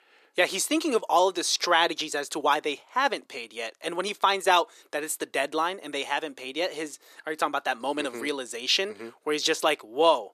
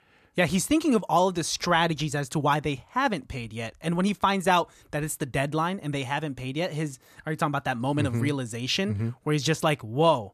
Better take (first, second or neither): second